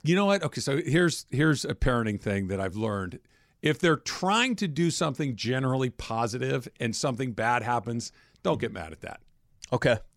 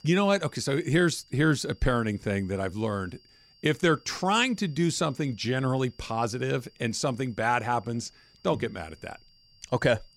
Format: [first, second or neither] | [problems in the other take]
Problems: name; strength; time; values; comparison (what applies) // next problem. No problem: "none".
first | high-pitched whine; faint; throughout; 4.5 kHz, 30 dB below the speech